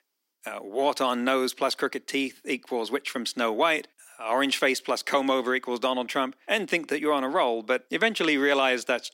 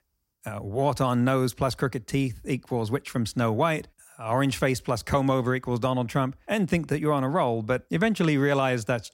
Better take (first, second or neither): second